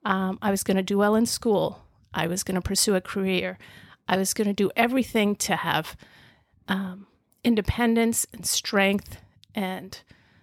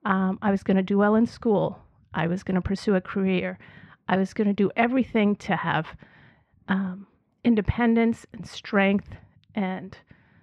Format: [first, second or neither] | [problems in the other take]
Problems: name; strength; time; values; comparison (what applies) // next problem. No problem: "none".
first | muffled; very; fading above 2 kHz